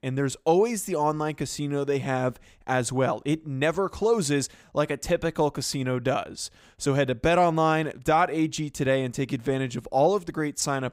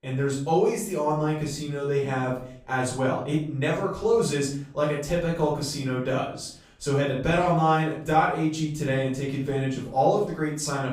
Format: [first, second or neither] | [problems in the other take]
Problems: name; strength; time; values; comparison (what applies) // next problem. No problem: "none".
first | off-mic speech; far // room echo; noticeable; dies away in 0.4 s